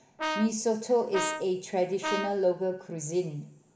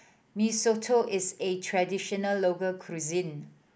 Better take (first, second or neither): second